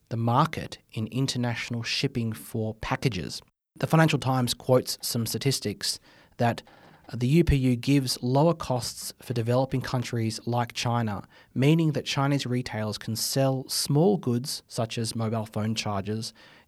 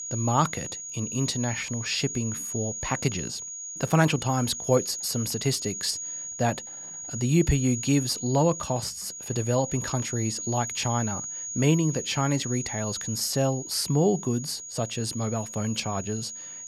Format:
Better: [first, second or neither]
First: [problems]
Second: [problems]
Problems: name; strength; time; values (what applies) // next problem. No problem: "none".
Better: first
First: none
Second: high-pitched whine; loud; throughout; 6.5 kHz, 6 dB below the speech